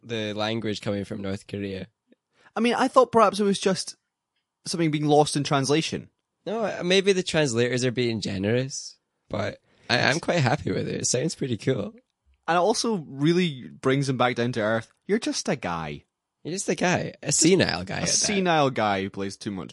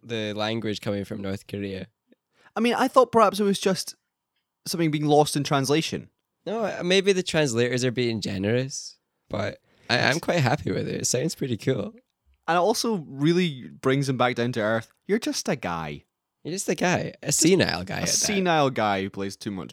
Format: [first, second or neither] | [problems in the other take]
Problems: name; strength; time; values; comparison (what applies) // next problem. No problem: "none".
second | garbled, watery; slightly; nothing above 11 kHz